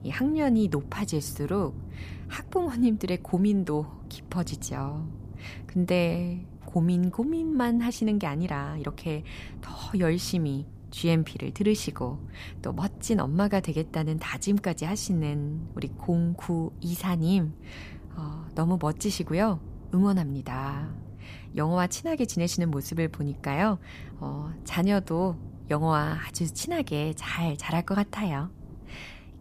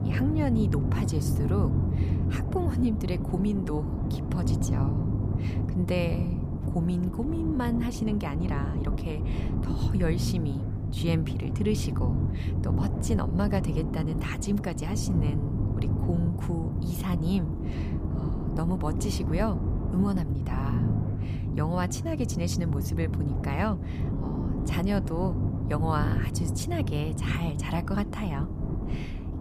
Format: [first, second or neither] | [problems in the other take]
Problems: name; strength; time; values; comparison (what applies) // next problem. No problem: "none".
first | low rumble; loud; throughout; 4 dB below the speech; faint in the first